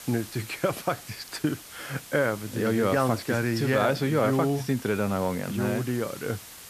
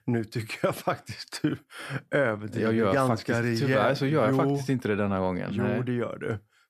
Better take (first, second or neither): second